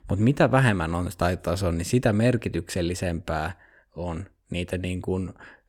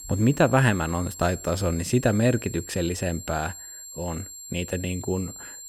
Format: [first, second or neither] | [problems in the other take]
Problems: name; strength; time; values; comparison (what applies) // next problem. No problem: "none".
first | high-pitched whine; noticeable; throughout; 7.5 kHz, 15 dB below the speech